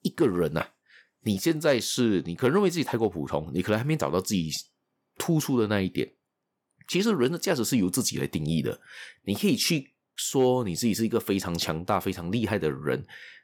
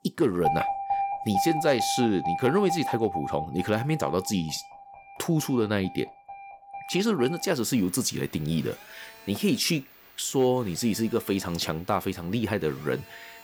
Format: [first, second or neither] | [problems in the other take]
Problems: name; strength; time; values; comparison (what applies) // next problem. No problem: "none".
first | alarms or sirens; loud; throughout; 5 dB below the speech